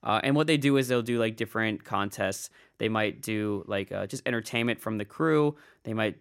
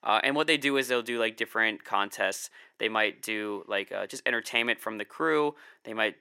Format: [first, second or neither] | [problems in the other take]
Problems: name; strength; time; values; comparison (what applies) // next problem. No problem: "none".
first | thin; somewhat; fading below 400 Hz